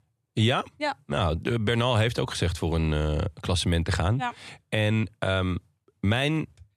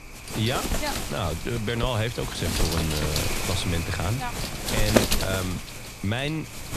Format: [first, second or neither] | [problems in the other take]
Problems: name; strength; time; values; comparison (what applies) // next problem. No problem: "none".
first | wind noise on the microphone; heavy; 1 dB above the speech